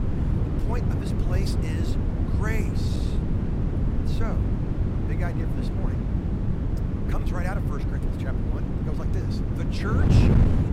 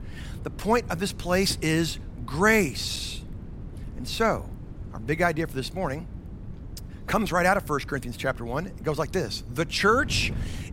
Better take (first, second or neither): second